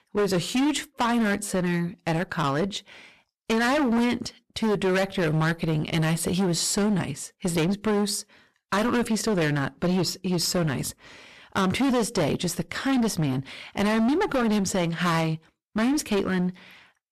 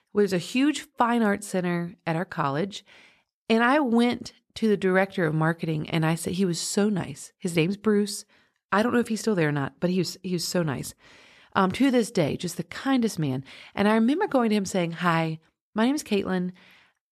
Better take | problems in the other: second | distortion; heavy; 18% of the sound clipped

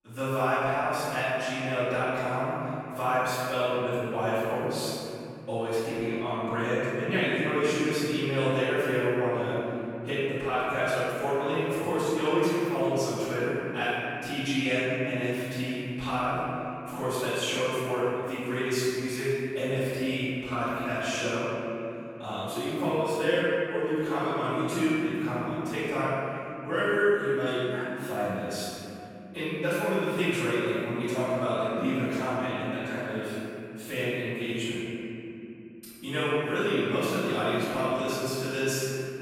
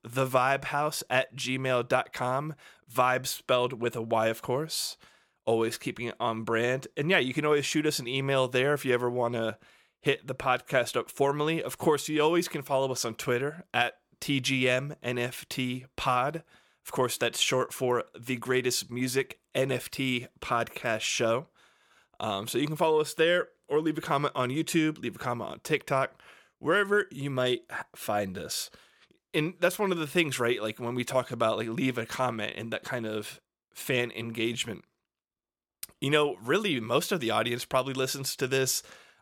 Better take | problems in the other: second | off-mic speech; far // room echo; strong; dies away in 3 s

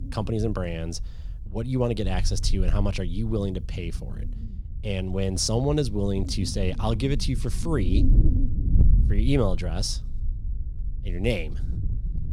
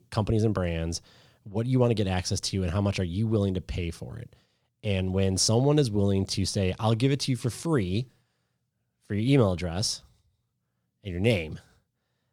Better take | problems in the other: second | wind noise on the microphone; occasional gusts; 15 dB below the speech

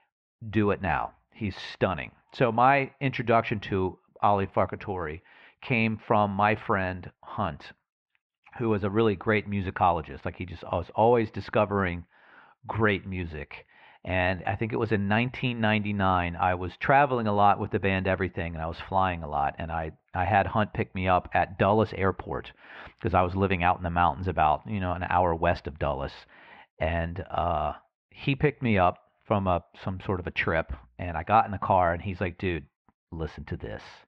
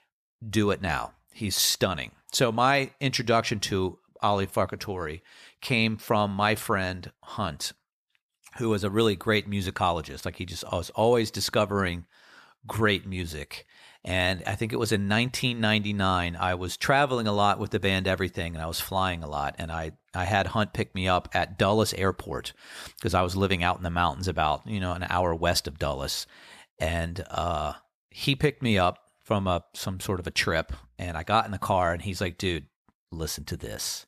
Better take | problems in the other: second | muffled; very; fading above 2.5 kHz

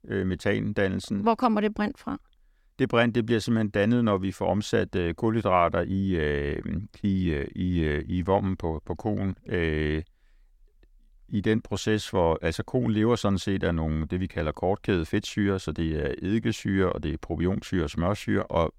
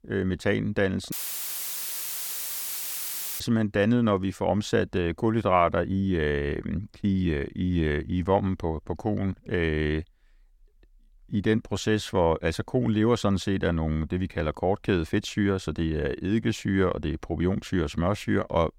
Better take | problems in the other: first | audio cutting out; filled with static; at 1 s for 2.5 s

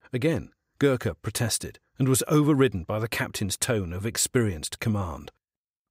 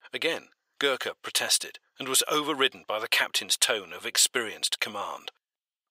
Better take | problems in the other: first | thin; very; fading below 700 Hz

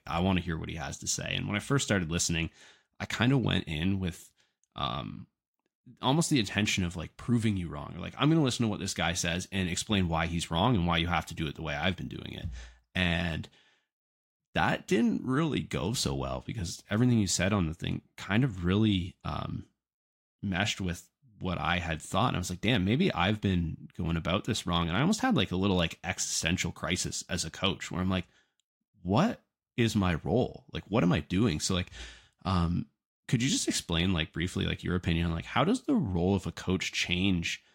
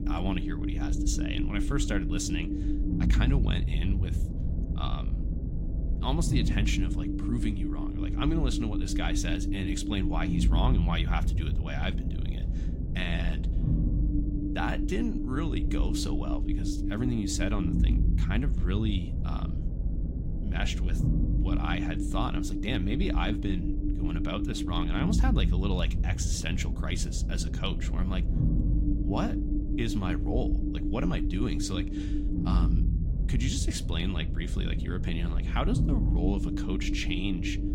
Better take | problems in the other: first | low rumble; loud; throughout; 4 dB below the speech

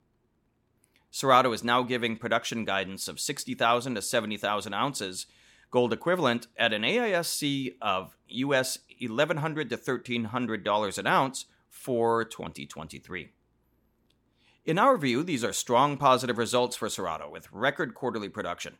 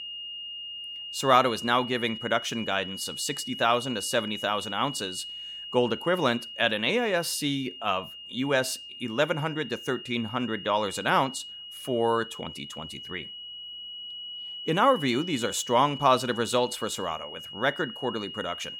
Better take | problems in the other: first | high-pitched whine; noticeable; throughout; 3 kHz, 10 dB below the speech

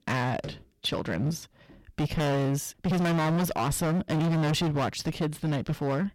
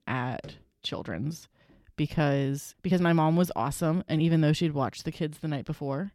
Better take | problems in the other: second | distortion; heavy; 25% of the sound clipped

